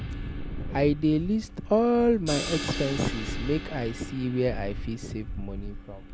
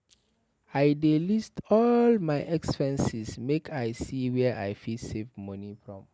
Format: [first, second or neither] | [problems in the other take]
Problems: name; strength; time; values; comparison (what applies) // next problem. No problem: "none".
second | background sound (Wind + Crash cymbal); 7 dB below the speech